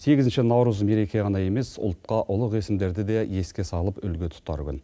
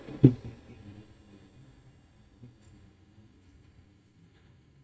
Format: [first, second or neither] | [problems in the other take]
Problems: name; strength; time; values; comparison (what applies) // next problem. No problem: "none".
first | noise reduction (neural mask model DeepFilterNet 3)